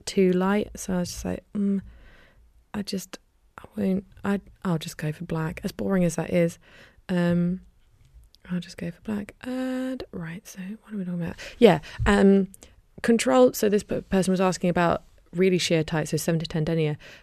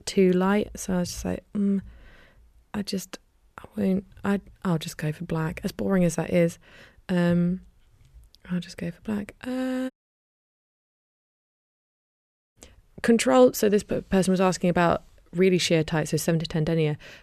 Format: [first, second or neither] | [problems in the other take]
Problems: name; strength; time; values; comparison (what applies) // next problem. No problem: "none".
first | audio cutting out; at 10 s for 2.5 s